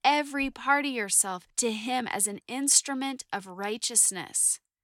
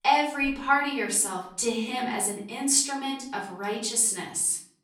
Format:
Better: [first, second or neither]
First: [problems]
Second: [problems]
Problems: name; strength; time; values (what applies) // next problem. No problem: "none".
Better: first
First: none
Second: off-mic speech; far // room echo; slight; dies away in 0.5 s